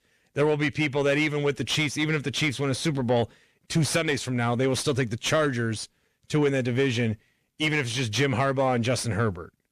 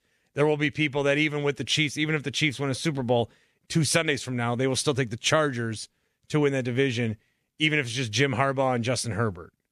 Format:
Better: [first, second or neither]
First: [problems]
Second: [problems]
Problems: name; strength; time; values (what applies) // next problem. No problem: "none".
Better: second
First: distortion; slight; 10 dB below the speech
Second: none